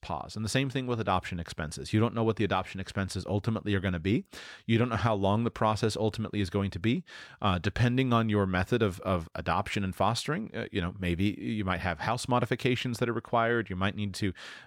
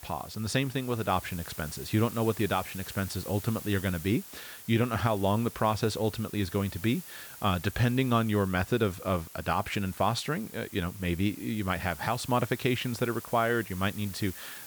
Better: first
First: none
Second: hiss; noticeable; throughout; 15 dB below the speech

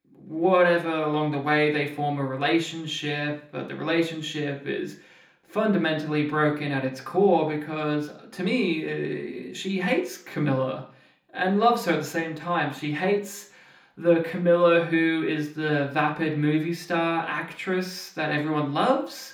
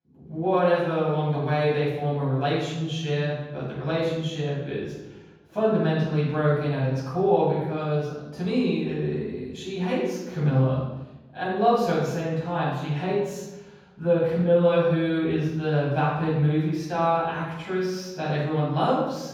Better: first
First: room echo; slight; dies away in 0.4 s // off-mic speech; somewhat distant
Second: room echo; strong; dies away in 1.3 s // off-mic speech; far

